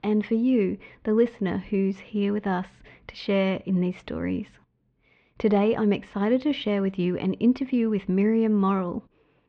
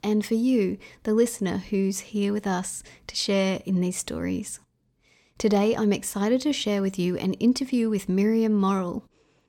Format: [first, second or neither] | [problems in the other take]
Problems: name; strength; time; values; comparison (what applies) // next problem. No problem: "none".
second | muffled; very; fading above 3 kHz